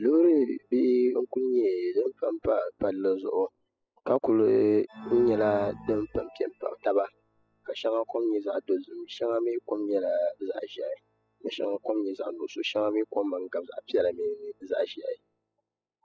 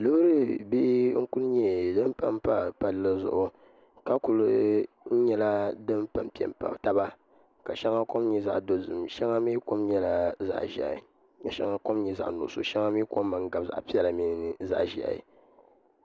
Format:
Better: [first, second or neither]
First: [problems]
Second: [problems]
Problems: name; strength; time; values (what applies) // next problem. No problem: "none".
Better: second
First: noise reduction (classical method spectral subtraction)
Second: none